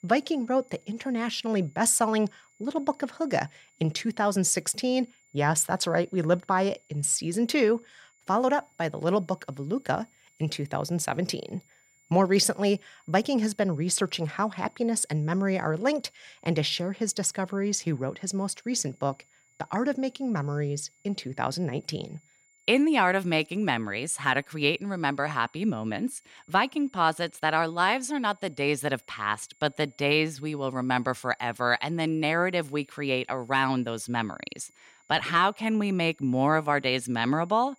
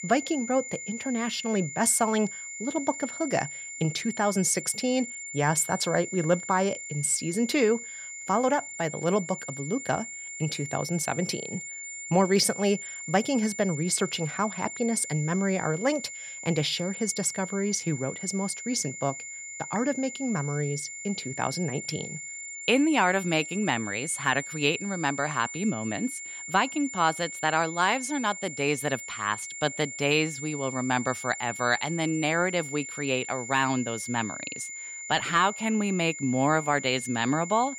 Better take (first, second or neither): first